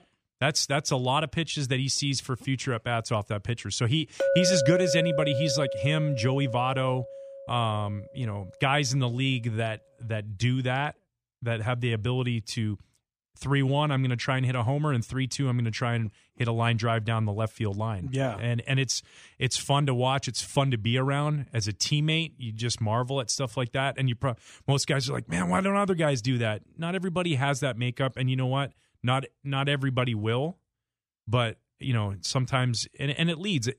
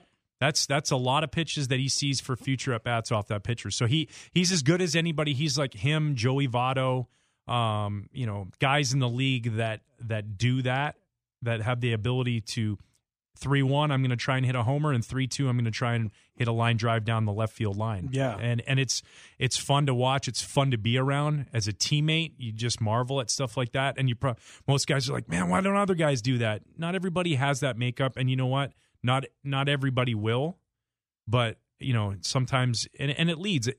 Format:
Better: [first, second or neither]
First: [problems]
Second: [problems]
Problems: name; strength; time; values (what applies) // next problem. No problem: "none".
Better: second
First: clattering dishes; loud; from 4 to 7.5 s; peak 3 dB above the speech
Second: none